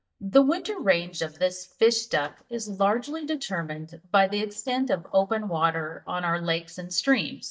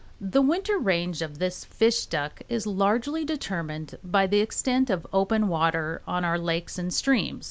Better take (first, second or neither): second